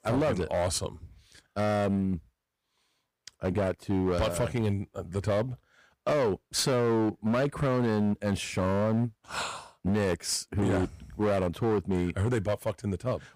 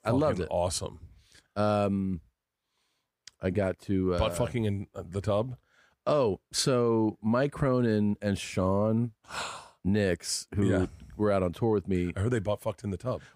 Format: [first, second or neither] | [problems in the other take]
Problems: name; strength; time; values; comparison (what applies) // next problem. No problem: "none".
second | distortion; slight; 13% of the sound clipped